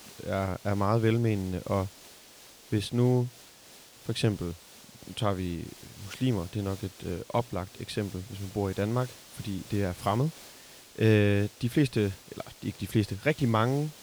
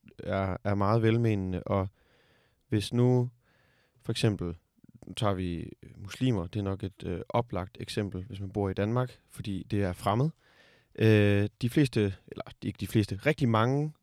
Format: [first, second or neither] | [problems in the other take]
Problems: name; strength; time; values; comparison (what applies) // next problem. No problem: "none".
second | hiss; noticeable; throughout; 20 dB below the speech